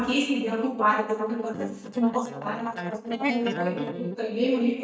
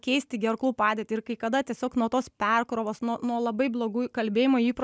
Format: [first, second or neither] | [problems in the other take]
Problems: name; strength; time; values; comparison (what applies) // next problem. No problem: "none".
second | noise reduction (neural mask model DeepFilterNet 3)